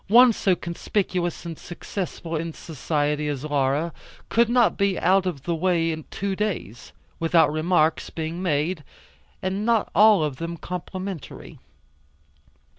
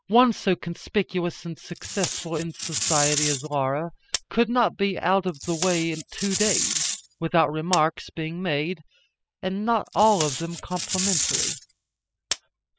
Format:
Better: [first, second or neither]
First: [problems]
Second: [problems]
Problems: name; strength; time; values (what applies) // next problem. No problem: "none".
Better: first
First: none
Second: noise reduction (classical method spectral subtraction)